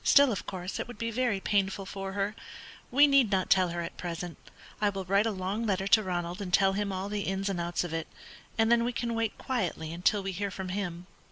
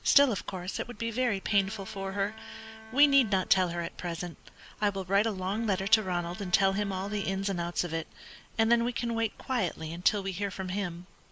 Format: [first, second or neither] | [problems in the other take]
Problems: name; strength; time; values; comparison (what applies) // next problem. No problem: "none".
first | background sound (Bowed string instrument); 20 dB below the speech